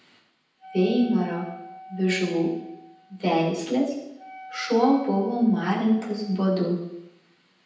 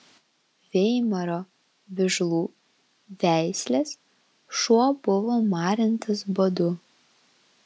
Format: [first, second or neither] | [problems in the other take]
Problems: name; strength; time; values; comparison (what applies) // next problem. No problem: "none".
second | background sound (Wind instrument, woodwind instrument); 19 dB below the speech // room echo; dies away in 0.9 s